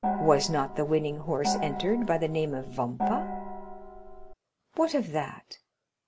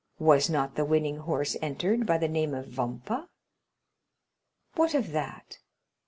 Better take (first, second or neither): second